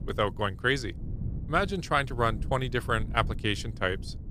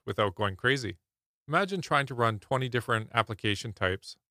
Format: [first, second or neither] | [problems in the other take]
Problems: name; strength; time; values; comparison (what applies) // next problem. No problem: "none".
second | wind noise on the microphone; occasional gusts; 20 dB below the speech